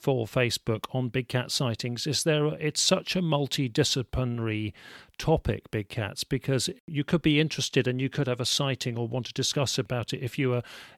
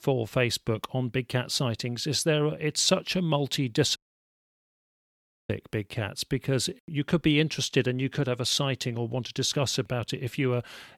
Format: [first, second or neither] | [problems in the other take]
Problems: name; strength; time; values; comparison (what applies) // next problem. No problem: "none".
first | audio cutting out; at 4 s for 1.5 s